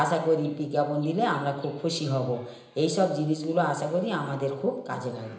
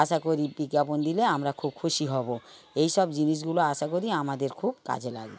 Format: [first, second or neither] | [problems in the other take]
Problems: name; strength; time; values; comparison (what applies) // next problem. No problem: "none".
second | room echo; dies away in 0.9 s